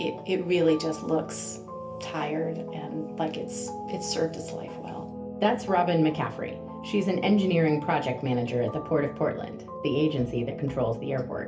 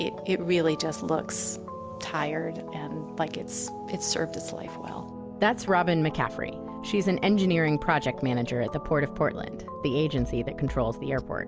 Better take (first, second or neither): second